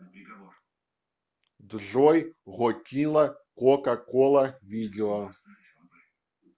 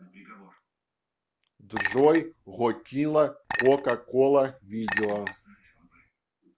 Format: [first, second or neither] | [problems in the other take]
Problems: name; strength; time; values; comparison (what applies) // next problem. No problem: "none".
first | background sound (Chink, clink); 9 dB below the speech